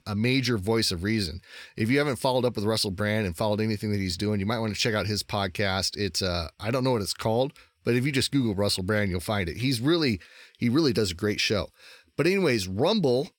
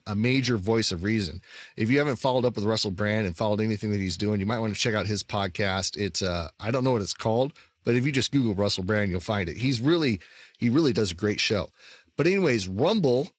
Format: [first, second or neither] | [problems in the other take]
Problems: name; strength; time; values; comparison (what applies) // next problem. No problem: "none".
first | garbled, watery; slightly; nothing above 7.5 kHz